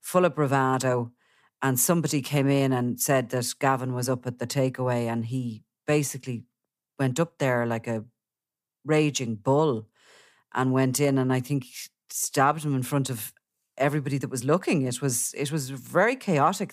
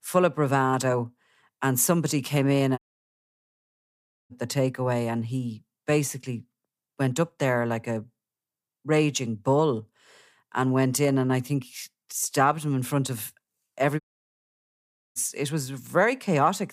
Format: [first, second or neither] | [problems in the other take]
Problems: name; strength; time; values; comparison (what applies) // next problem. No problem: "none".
first | audio cutting out; at 3 s for 1.5 s and at 14 s for 1 s